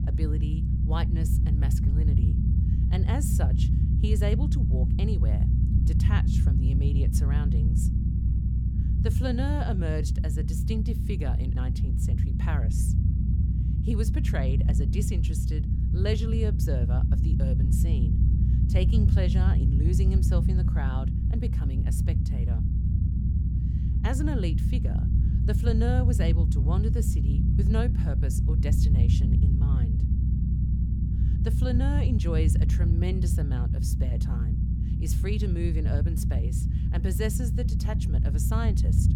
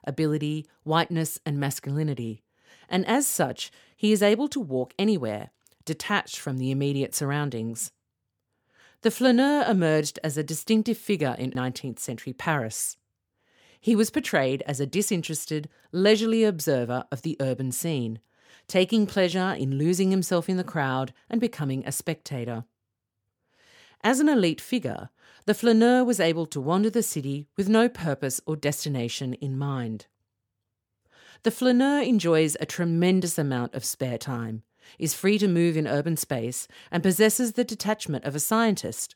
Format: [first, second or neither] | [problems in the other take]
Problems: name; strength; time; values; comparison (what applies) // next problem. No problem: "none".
second | low rumble; loud; throughout; 1 dB below the speech